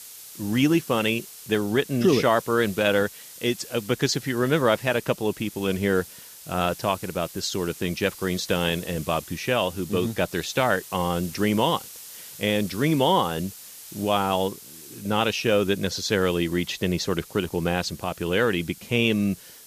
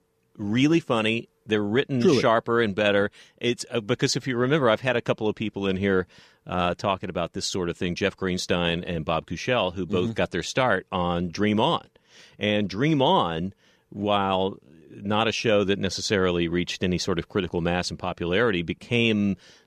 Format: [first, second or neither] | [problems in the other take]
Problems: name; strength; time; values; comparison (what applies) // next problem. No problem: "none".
second | hiss; noticeable; throughout; 15 dB below the speech